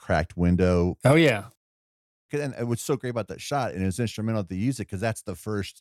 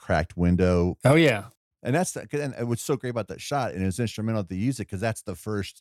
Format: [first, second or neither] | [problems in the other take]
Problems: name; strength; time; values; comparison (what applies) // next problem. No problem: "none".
second | audio cutting out; at 1.5 s for 0.5 s